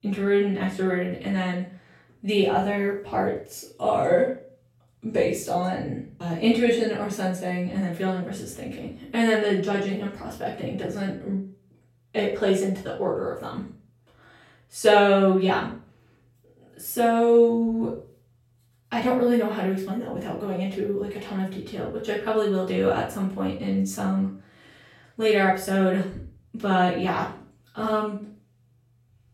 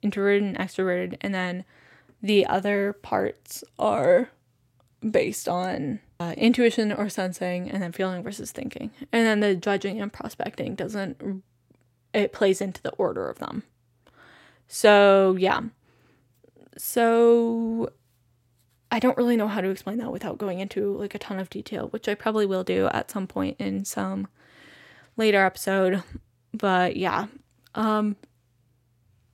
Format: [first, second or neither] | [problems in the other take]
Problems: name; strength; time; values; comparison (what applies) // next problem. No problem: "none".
second | room echo; noticeable; dies away in 0.4 s // off-mic speech; far